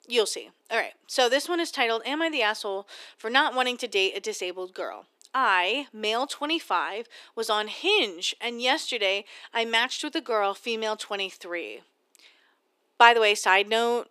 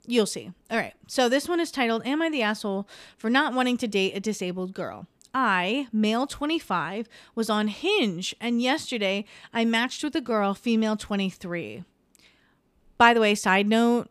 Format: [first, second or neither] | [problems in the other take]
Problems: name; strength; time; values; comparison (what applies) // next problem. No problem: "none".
second | thin; very; fading below 350 Hz